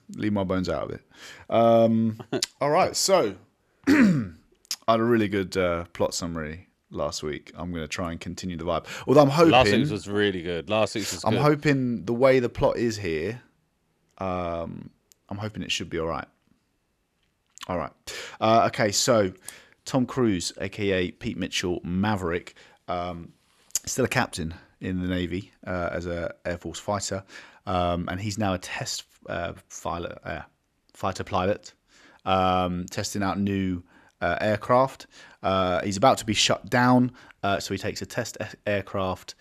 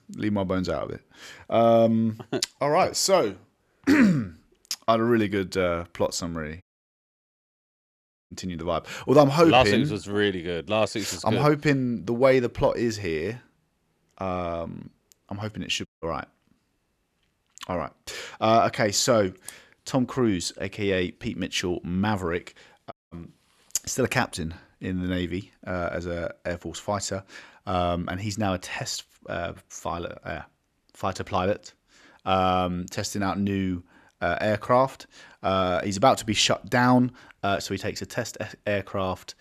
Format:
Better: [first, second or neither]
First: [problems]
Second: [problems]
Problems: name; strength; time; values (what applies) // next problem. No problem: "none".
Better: first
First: none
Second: audio cutting out; at 6.5 s for 1.5 s, at 16 s and at 23 s